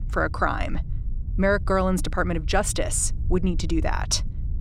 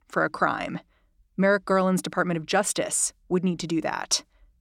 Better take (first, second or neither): second